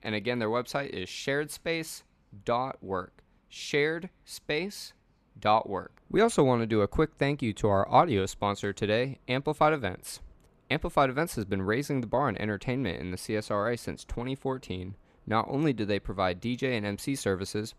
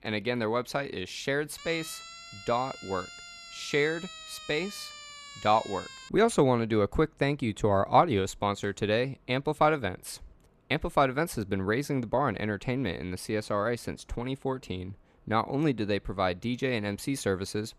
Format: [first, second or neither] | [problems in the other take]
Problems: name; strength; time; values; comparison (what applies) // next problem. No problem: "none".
first | siren; faint; from 1.5 to 6 s; peak 15 dB below the speech